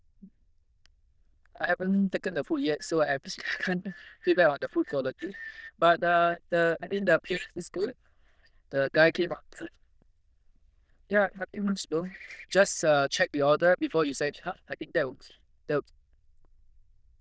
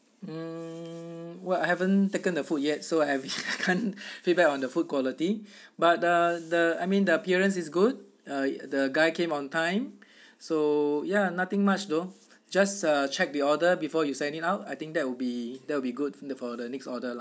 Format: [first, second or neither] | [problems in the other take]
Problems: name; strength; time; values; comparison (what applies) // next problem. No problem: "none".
second | noise reduction (neural diffusion model UNIVERSE++)